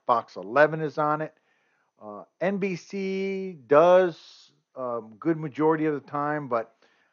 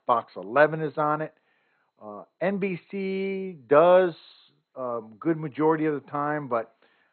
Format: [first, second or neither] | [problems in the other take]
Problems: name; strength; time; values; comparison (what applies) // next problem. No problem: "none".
first | garbled, watery; badly; nothing above 4 kHz; slightly in the first